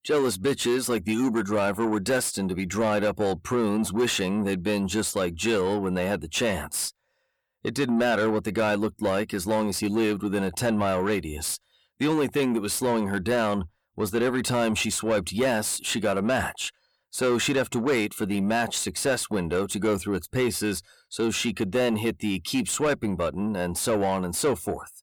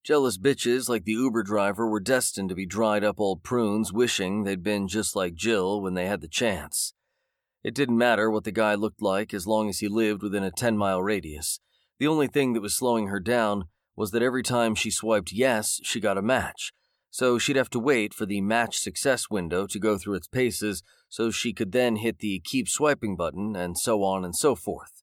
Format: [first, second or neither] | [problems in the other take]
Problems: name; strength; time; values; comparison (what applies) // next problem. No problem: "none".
second | distortion; slight; 10 dB below the speech